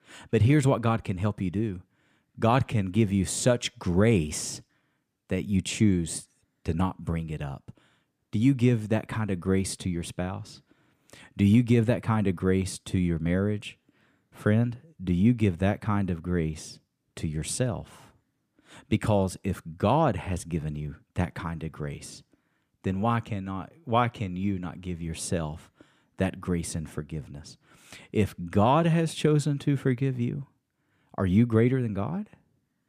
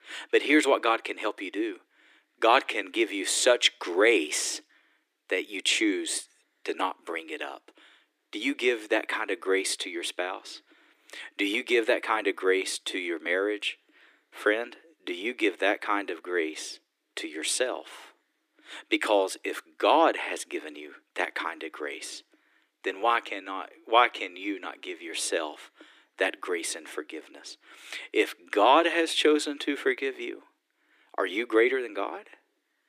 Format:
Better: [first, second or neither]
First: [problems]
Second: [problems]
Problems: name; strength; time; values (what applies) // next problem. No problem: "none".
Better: first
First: none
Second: thin; very; fading below 300 Hz